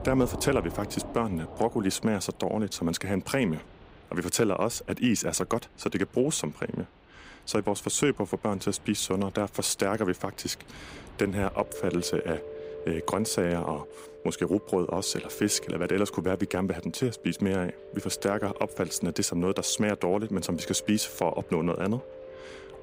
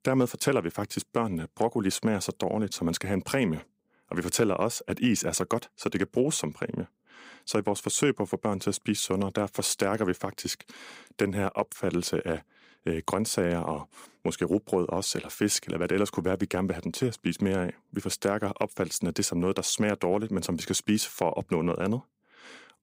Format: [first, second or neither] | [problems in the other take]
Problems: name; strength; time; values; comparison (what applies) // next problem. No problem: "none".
second | rain or running water; noticeable; throughout; 15 dB below the speech